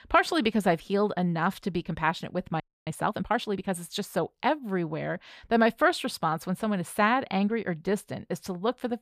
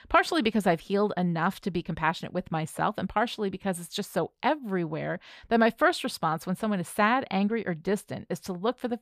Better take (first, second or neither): second